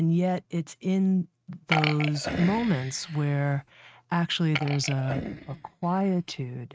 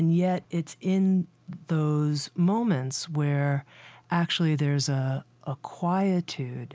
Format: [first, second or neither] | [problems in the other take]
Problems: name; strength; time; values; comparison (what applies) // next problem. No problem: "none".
second | noise reduction (neural mask model RNNoise)